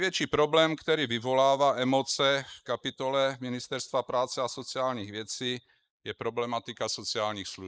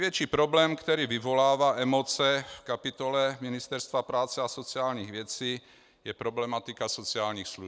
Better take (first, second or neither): second